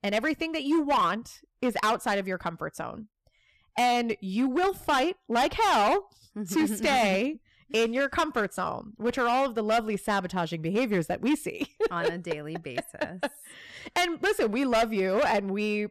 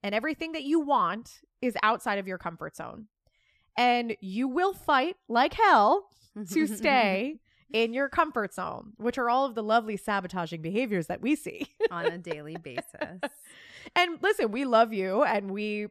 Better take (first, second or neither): second